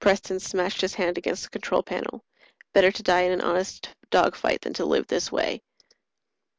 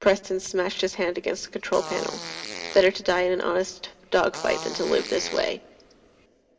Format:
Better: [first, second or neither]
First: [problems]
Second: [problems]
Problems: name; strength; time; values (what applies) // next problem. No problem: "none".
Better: first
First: none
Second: background sound (Fart); 12 dB below the speech // room echo; dies away in 1.2 s